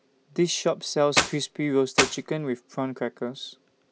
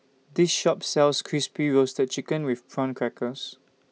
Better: second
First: background sound (Clapping); 2 dB above the speech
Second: none

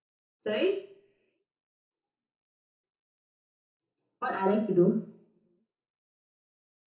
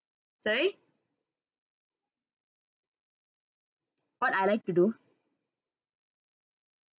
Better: second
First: room echo; dies away in 0.8 s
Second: none

